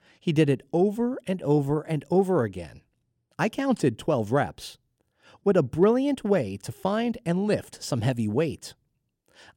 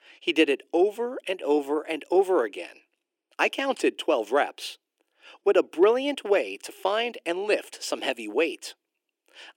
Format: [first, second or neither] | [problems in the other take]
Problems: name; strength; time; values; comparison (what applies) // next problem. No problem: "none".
first | thin; somewhat; fading below 300 Hz